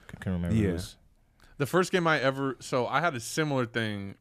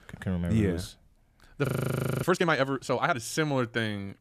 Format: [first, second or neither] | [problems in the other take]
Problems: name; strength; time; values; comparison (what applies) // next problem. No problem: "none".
first | audio freezing; at 1.5 s for 0.5 s